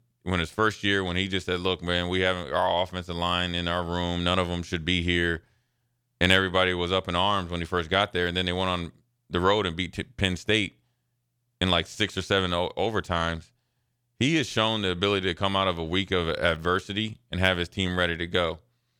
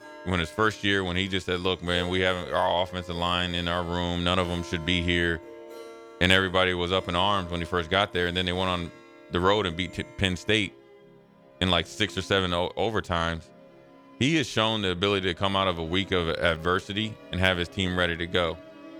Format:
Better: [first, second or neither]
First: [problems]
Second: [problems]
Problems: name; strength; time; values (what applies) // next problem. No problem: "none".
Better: first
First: none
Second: background music; faint; throughout; 20 dB below the speech